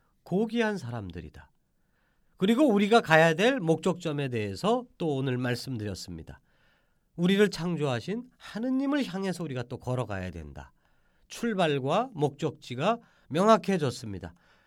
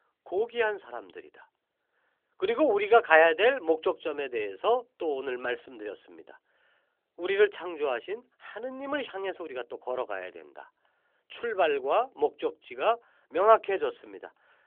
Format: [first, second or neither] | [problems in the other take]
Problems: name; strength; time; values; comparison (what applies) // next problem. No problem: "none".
first | phone-call audio; nothing above 3 kHz